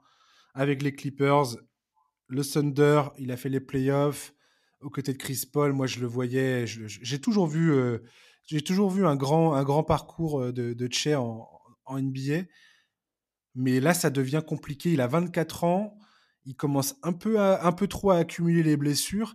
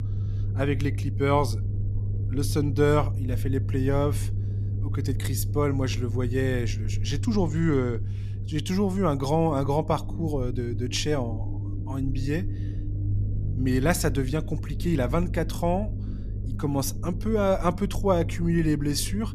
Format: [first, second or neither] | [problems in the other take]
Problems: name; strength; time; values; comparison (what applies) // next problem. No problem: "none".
first | low rumble; noticeable; throughout; 15 dB below the speech